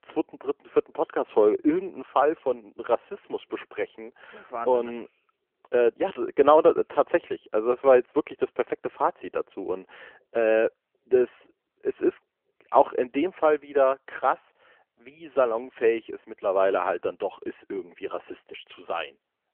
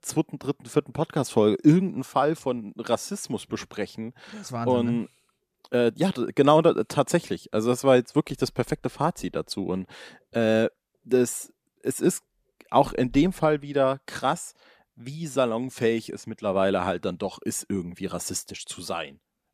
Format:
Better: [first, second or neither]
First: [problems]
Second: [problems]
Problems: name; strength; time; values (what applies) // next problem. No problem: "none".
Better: second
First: phone-call audio; nothing above 3 kHz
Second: none